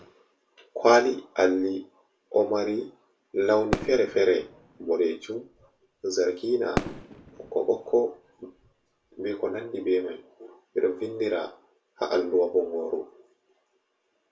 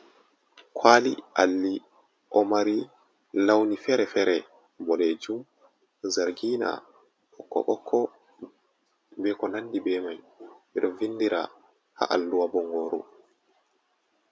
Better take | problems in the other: second | background sound (Fireworks); 10 dB below the speech // room echo; dies away in 0.3 s

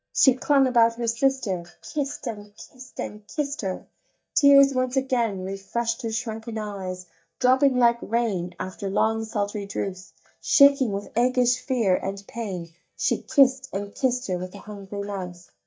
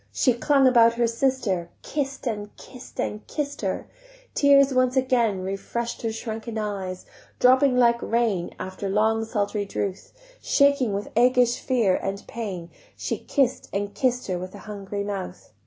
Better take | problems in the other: second | noise reduction (neural mask model DeepFilterNet 3)

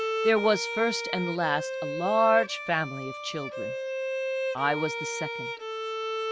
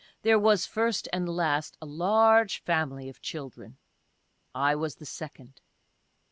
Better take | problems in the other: second | background sound (Bowed string instrument); 3 dB below the speech

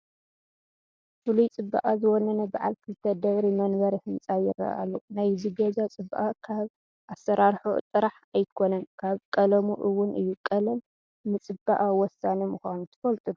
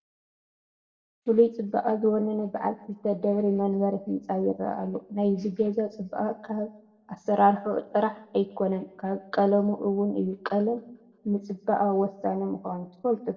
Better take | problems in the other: first | room echo; dies away in 0.7 s

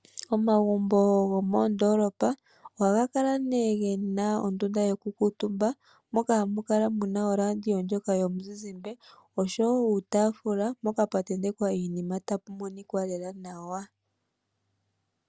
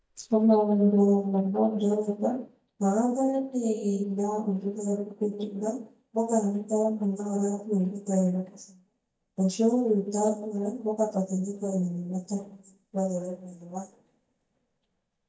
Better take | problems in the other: first | noise reduction (neural mask model DeepFilterNet 3)

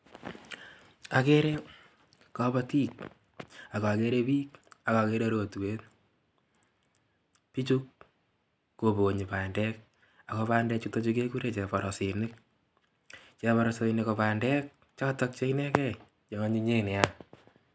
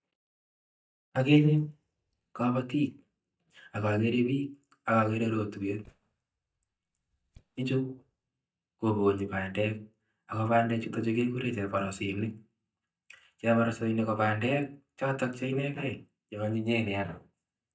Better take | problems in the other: first | noise reduction (neural mask model DeepFilterNet 3)

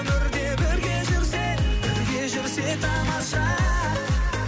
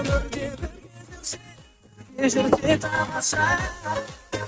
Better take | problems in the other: first | noise reduction (neural mask model RNNoise)

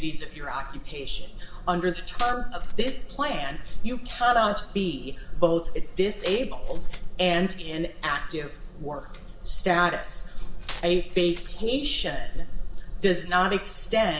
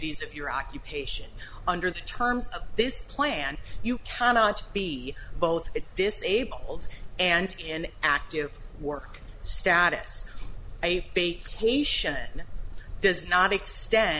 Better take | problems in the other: second | background sound (Glass); 19 dB below the speech // room echo; dies away in 1.6 s

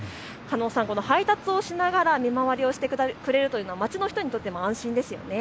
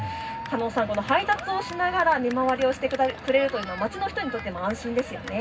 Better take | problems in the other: first | background sound (Cheering); 13 dB below the speech // room echo; dies away in 0.4 s

